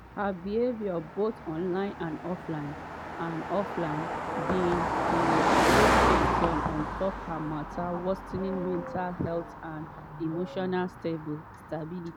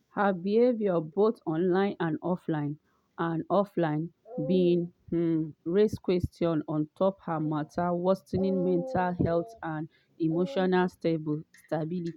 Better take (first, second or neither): second